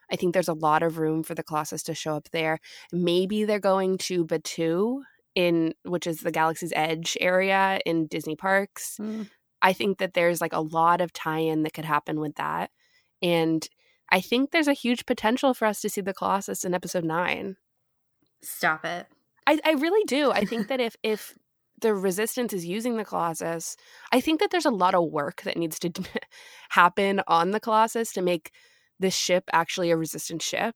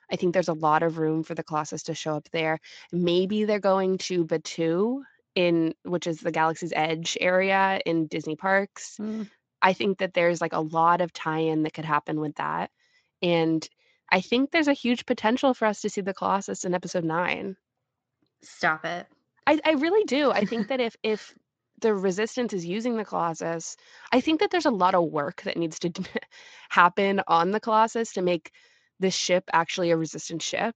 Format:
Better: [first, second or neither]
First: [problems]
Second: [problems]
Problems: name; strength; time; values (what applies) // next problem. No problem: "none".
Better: first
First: none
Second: garbled, watery; slightly; nothing above 7.5 kHz